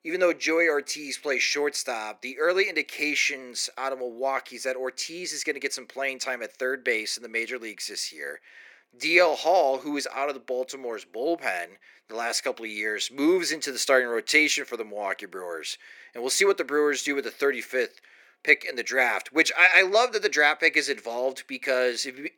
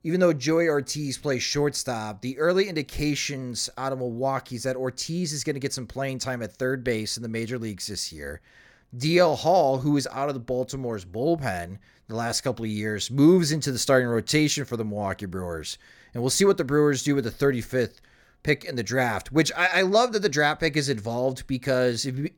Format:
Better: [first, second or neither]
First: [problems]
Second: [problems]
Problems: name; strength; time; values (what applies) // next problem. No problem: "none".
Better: second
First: thin; somewhat; fading below 350 Hz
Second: none